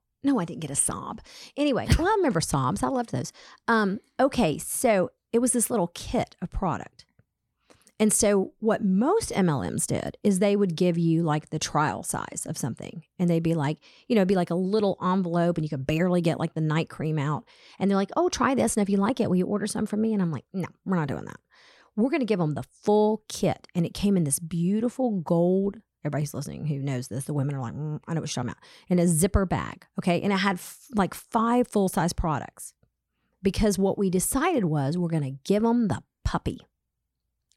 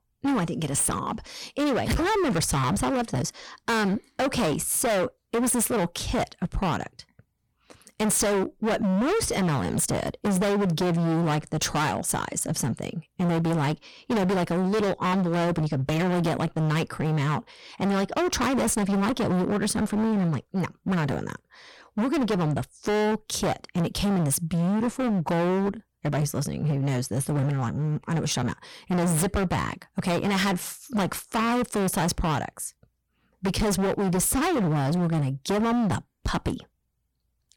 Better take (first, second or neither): first